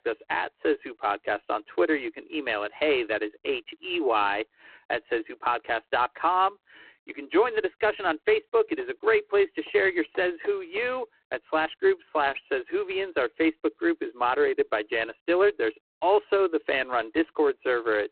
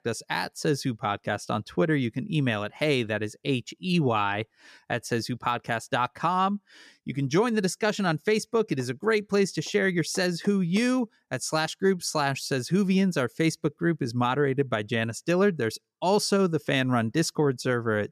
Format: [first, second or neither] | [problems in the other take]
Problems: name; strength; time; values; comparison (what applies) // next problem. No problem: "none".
second | phone-call audio; poor line; nothing above 4 kHz